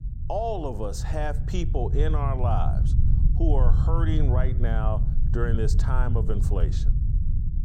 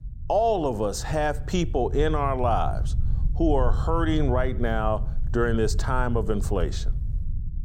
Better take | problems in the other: second | low rumble; loud; throughout; 9 dB below the speech; faint in the second

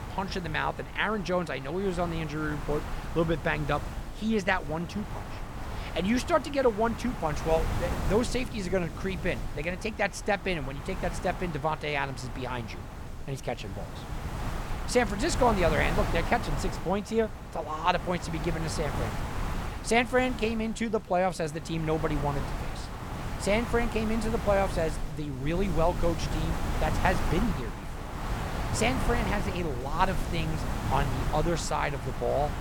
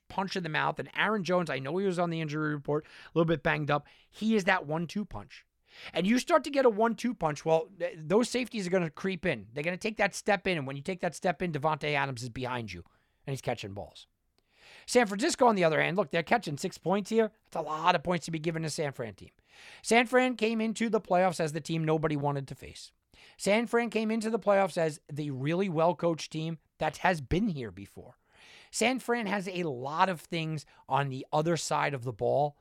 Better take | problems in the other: second | wind noise on the microphone; heavy; 9 dB below the speech

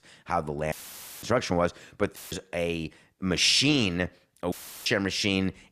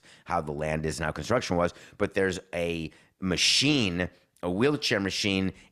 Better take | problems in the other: second | audio cutting out; filled with static; at 0.5 s for 0.5 s, at 2 s and at 4.5 s

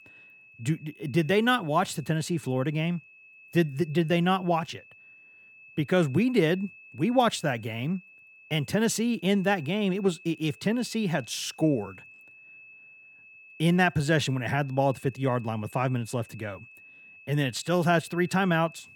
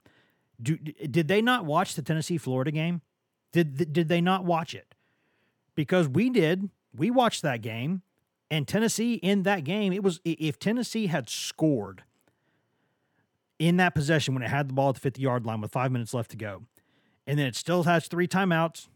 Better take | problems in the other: second | high-pitched whine; faint; throughout; 2.5 kHz, 20 dB below the speech

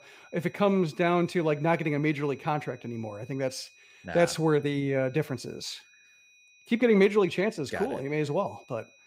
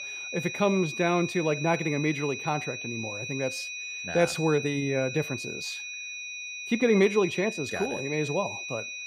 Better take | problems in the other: first | high-pitched whine; loud; throughout; 2.5 kHz, 6 dB below the speech; faint in the first

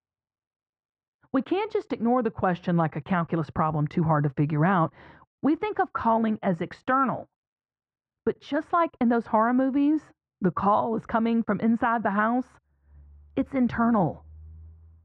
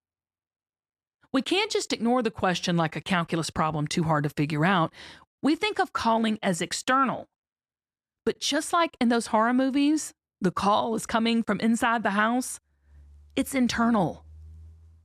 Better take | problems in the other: second | muffled; very; fading above 1 kHz

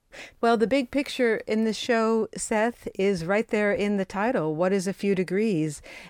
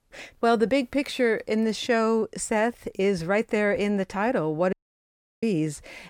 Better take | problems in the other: first | audio cutting out; at 4.5 s for 0.5 s

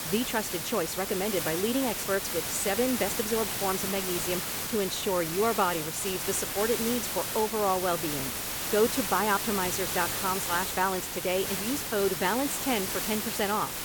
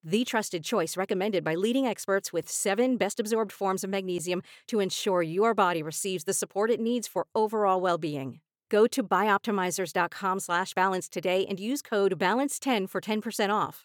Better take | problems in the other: second | hiss; loud; throughout; 1 dB below the speech

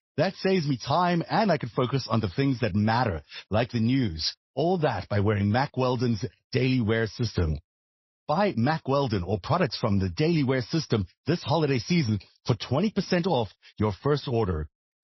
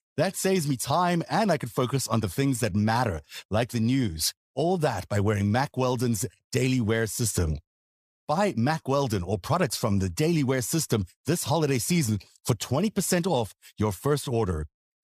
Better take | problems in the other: second | garbled, watery; slightly; nothing above 5.5 kHz

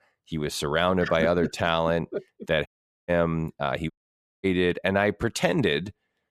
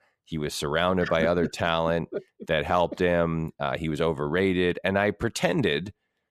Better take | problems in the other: second | audio cutting out; at 2.5 s and at 4 s for 0.5 s

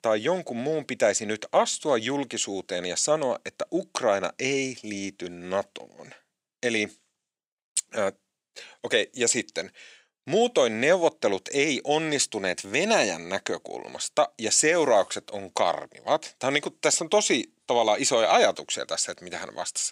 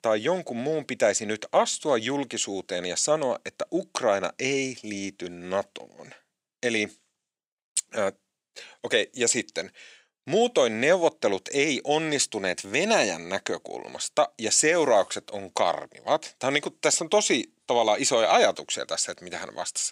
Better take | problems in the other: neither | thin; somewhat; fading below 400 Hz; the same in both

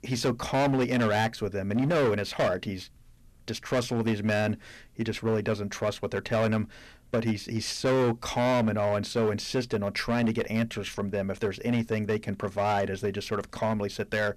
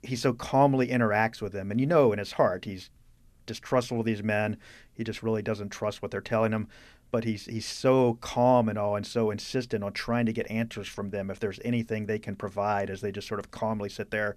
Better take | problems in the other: second | distortion; heavy; 11% of the sound clipped

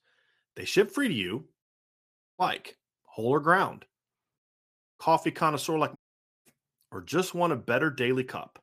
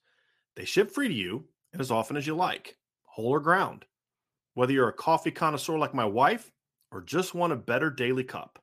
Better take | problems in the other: second | audio cutting out; at 1.5 s for 0.5 s, at 4.5 s for 0.5 s and at 6 s

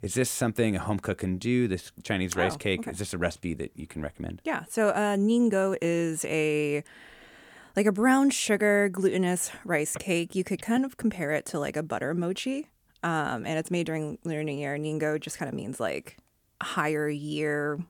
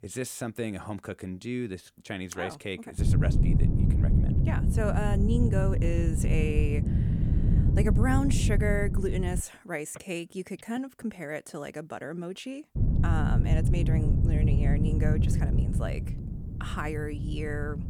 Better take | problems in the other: first | wind noise on the microphone; heavy; from 3 to 9.5 s and from 13 s on; 3 dB below the speech

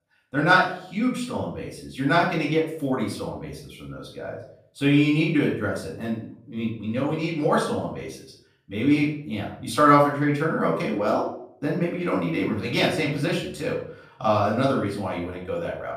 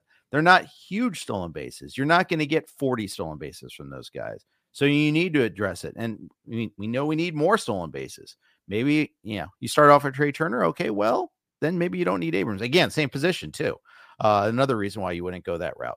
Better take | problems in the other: second | room echo; noticeable; dies away in 0.5 s // off-mic speech; far

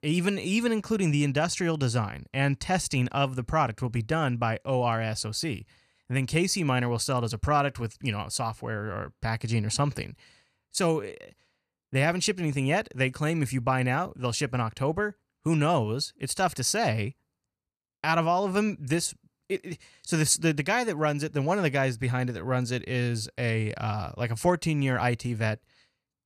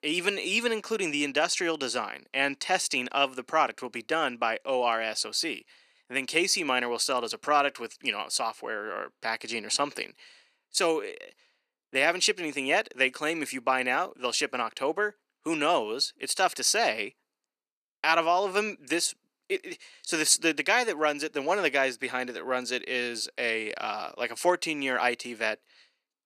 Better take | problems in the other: first | thin; somewhat; fading below 300 Hz

